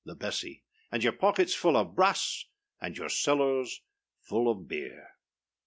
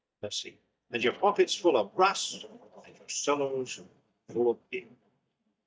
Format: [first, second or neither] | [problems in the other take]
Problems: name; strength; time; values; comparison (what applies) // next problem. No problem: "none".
first | noise reduction (neural mask model DeepFilterNet 3)